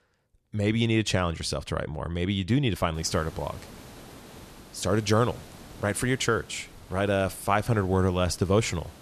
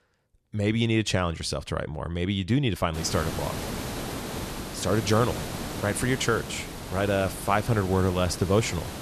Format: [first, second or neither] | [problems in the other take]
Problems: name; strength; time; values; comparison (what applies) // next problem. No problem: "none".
first | hiss; loud; from 3 s on; 8 dB below the speech; faint in the first